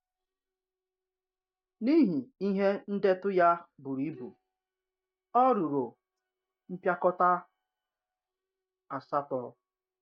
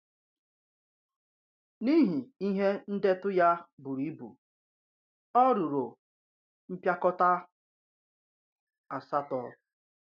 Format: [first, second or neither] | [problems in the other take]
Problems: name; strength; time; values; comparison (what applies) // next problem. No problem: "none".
second | noise reduction (neural mask model DeepFilterNet 3)